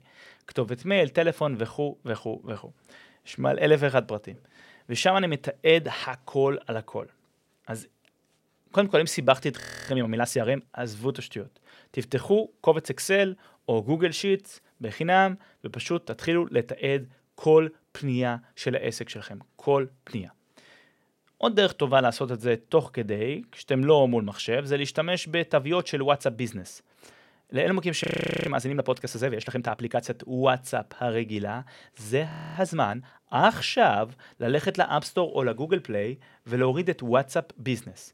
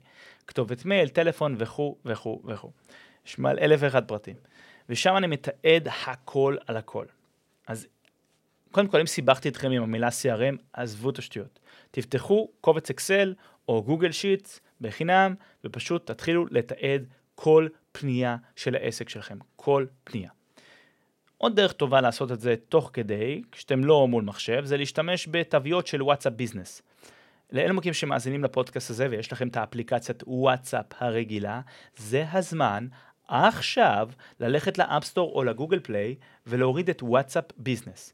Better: second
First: audio freezing; at 9.5 s, at 28 s and at 32 s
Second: none

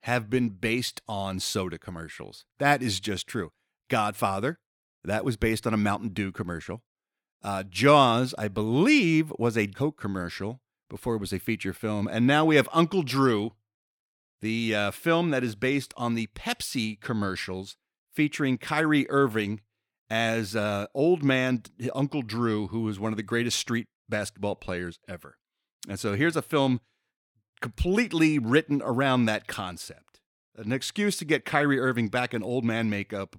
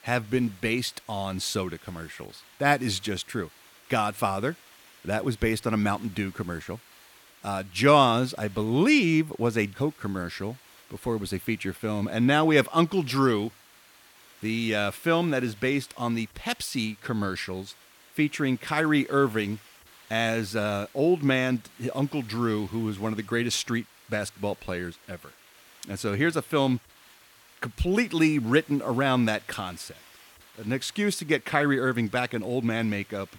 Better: first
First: none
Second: hiss; faint; throughout; 25 dB below the speech

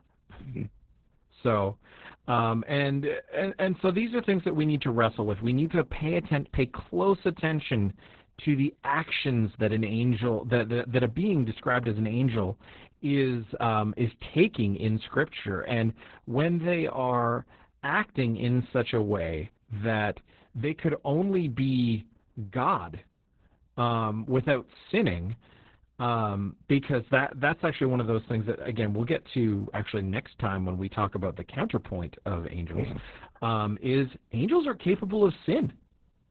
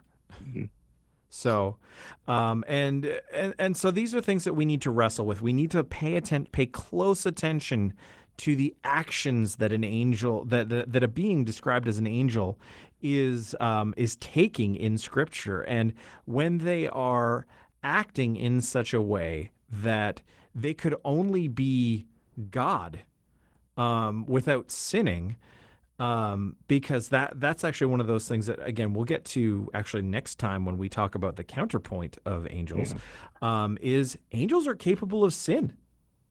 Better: second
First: garbled, watery; badly; nothing above 4 kHz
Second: garbled, watery; slightly

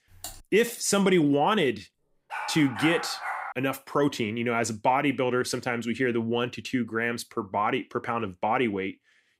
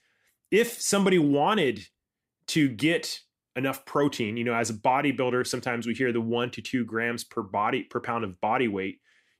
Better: second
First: keyboard typing; faint; at the start; peak 15 dB below the speech // dog barking; noticeable; from 2.5 to 3.5 s; peak 6 dB below the speech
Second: none

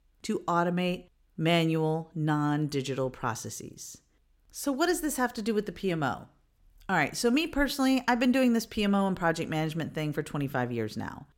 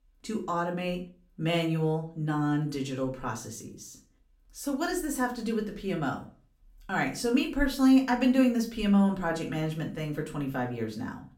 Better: first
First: none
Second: room echo; very slight; dies away in 0.3 s // off-mic speech; far

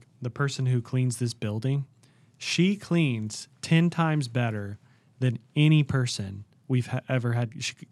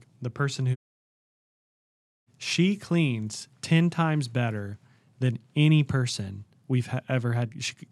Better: first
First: none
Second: audio cutting out; at 1 s for 1.5 s

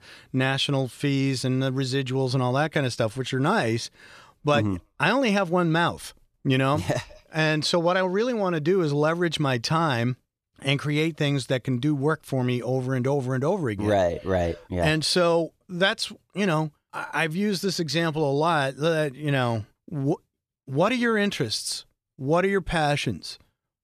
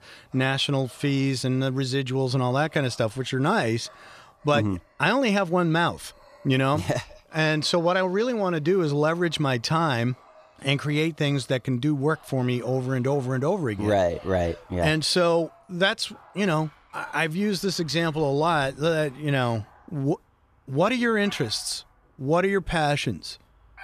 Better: first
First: none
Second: animal sounds; faint; throughout; 30 dB below the speech

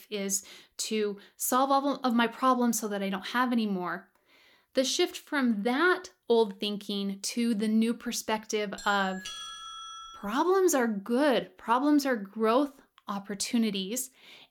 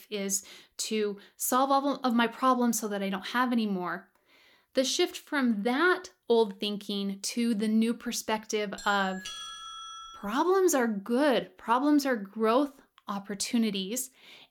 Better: neither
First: doorbell; noticeable; from 9 to 10 s; peak 10 dB below the speech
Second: doorbell; noticeable; from 9 to 10 s; peak 10 dB below the speech

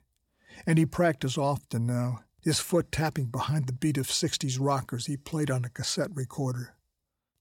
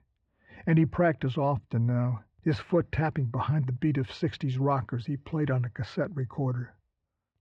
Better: first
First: none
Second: muffled; very; fading above 2.5 kHz

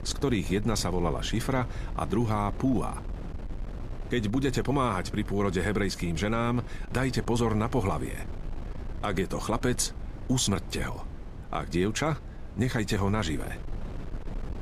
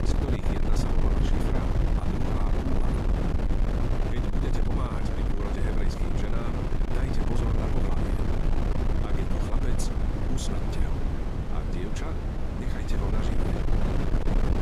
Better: first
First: wind noise on the microphone; occasional gusts; 15 dB below the speech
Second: wind noise on the microphone; heavy; 5 dB above the speech

